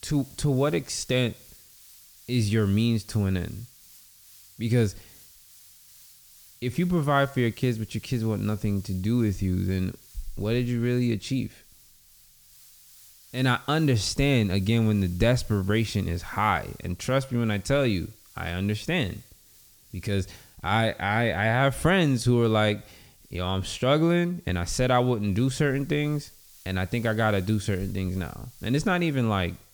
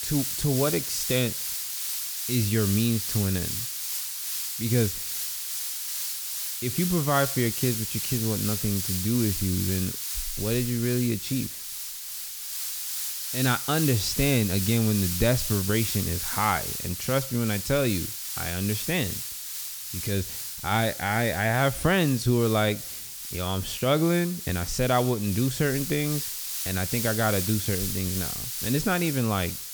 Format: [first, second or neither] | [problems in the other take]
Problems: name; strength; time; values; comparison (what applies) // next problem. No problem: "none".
first | hiss; loud; throughout; 3 dB below the speech; faint in the first